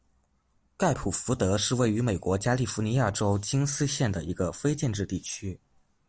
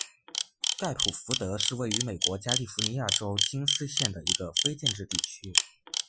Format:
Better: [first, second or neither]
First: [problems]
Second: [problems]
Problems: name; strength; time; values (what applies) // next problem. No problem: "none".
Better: first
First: none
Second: noise reduction (classical method Wiener filter)